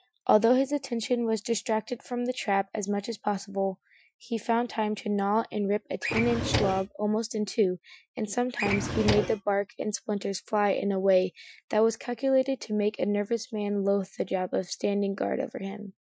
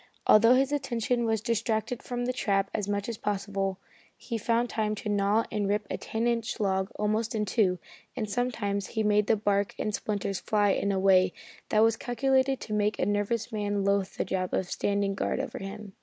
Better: second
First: noise reduction (classical method Wiener filter)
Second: none

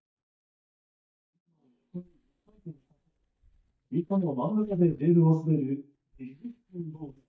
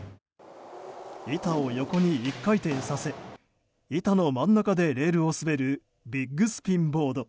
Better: second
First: noise reduction (neural mask model DeepFilterNet 3)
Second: none

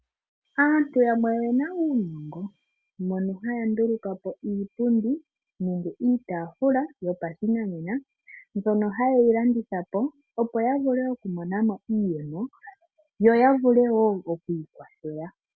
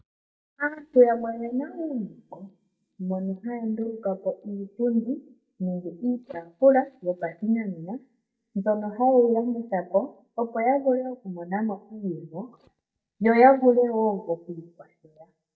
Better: first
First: none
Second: noise reduction (neural mask model DeepFilterNet 3)

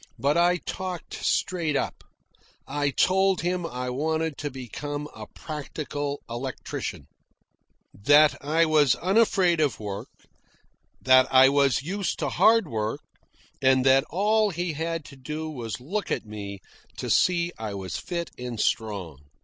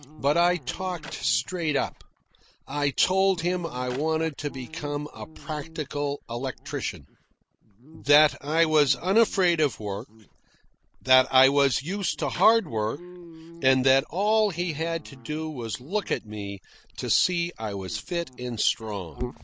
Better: first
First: none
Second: background sound (Clapping + Dog); 19 dB below the speech

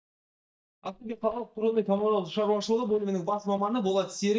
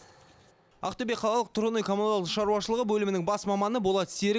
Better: second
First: noise reduction (neural mask model DeepFilterNet 3)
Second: none

